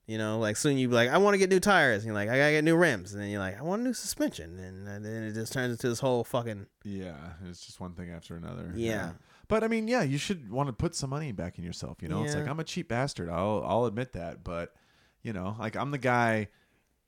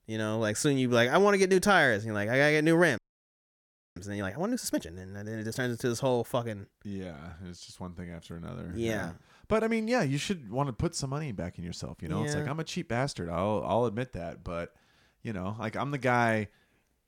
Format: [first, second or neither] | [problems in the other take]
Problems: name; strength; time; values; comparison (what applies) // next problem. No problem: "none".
first | audio freezing; at 3 s for 1 s